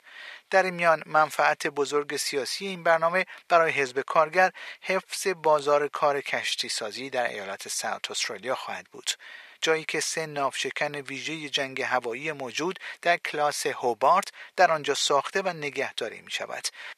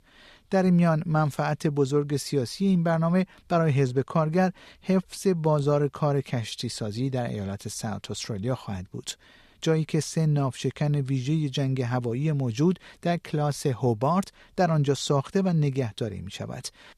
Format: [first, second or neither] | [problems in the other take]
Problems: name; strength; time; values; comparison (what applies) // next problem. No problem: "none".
second | thin; very; fading below 700 Hz